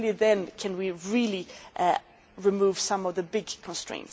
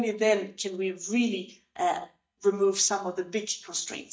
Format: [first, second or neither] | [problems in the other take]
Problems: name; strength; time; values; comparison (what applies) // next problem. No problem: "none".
first | noise reduction (neural mask model DeepFilterNet 3)